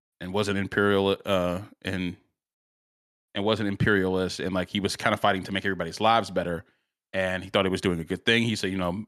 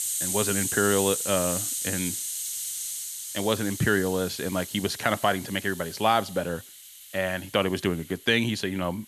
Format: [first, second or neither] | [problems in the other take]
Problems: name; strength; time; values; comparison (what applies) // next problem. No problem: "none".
first | hiss; loud; throughout; 3 dB below the speech